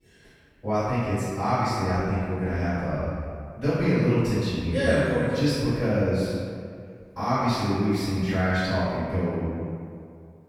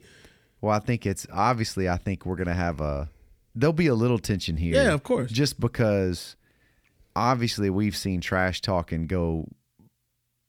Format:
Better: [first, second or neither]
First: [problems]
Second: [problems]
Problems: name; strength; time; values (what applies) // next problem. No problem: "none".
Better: second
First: off-mic speech; far // room echo; strong; dies away in 1.9 s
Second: none